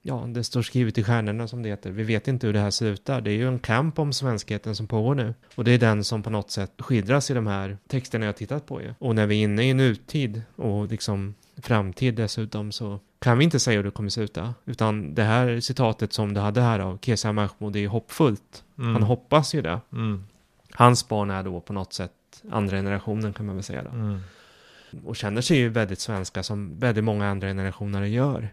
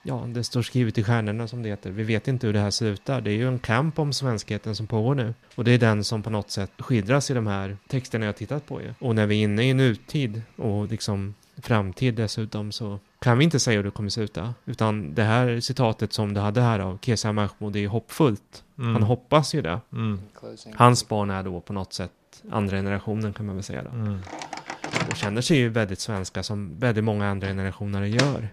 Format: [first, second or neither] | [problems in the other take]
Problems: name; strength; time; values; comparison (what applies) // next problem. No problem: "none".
first | household noises; loud; throughout; 8 dB below the speech